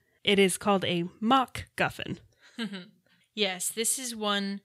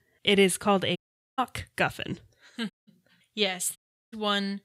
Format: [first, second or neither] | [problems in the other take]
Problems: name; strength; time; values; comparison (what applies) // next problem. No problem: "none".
first | audio cutting out; at 1 s, at 2.5 s and at 4 s